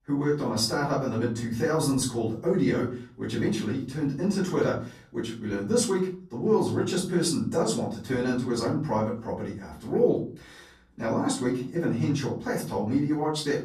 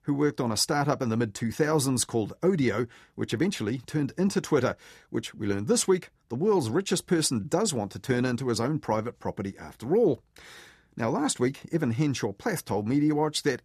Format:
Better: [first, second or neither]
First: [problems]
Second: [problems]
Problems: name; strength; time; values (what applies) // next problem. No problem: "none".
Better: second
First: off-mic speech; far // room echo; slight; dies away in 0.4 s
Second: none